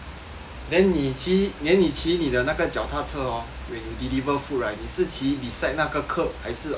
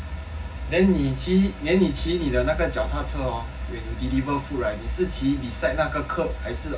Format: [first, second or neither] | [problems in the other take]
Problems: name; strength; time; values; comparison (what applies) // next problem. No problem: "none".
first | room echo; dies away in 0.4 s